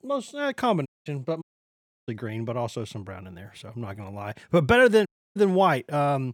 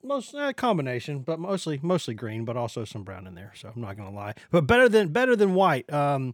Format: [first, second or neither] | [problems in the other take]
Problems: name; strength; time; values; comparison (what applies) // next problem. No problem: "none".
second | audio cutting out; at 1 s, at 1.5 s for 0.5 s and at 5 s